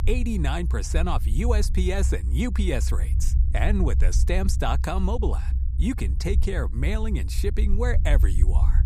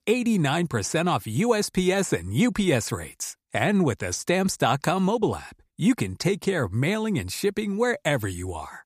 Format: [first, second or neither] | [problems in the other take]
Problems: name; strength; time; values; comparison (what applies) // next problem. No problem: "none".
second | low rumble; noticeable; throughout; 15 dB below the speech